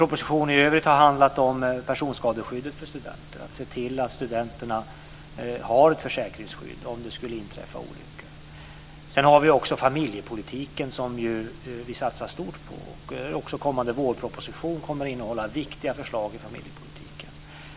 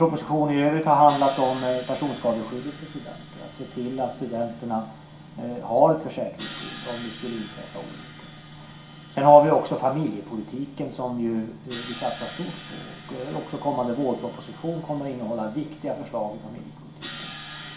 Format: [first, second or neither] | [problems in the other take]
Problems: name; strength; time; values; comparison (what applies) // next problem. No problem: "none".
first | background sound (Crash cymbal); 19 dB below the speech // room echo; dies away in 0.5 s